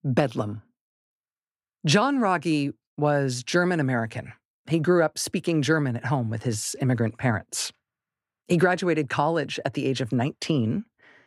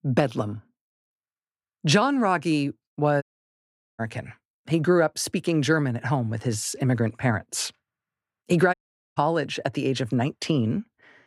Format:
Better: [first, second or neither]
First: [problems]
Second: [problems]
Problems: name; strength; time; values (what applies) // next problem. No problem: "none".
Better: first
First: none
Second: audio cutting out; at 3 s for 1 s and at 8.5 s